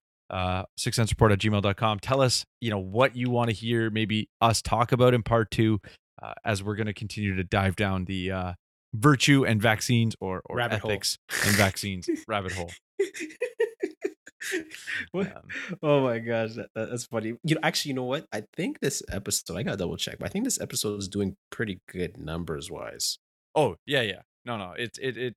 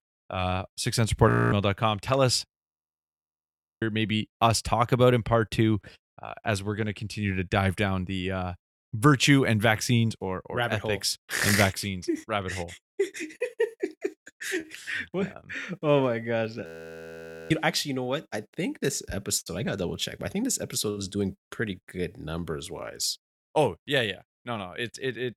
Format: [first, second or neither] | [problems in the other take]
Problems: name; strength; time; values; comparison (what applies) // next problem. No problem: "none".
first | audio freezing; at 1.5 s, at 2.5 s for 1.5 s and at 17 s for 1 s